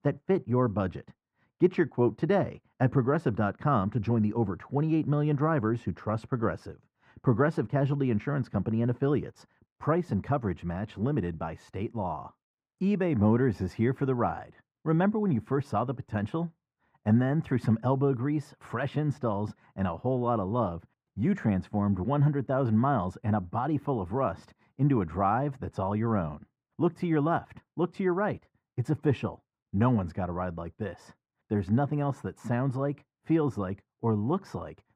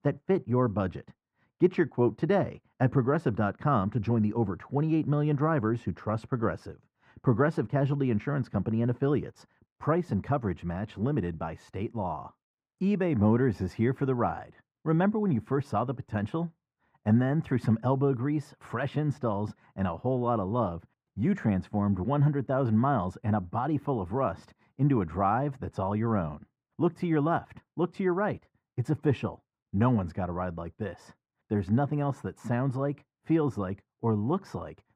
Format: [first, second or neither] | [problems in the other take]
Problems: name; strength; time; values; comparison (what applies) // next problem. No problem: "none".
neither | muffled; very; fading above 3 kHz; the same in both